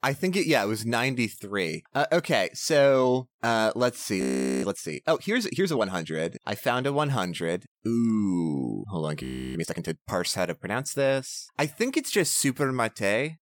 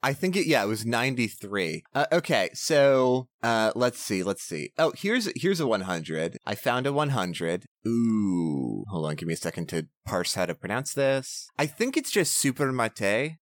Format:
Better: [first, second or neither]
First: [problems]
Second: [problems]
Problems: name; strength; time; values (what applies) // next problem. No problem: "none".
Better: second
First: audio freezing; at 4 s and at 9 s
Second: none